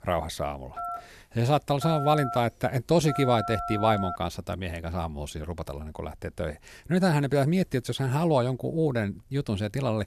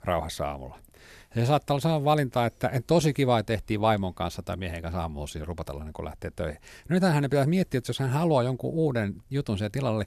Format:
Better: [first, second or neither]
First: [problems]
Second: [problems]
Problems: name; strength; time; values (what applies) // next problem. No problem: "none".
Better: second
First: phone ringing; noticeable; from 1 to 4 s; peak 5 dB below the speech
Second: none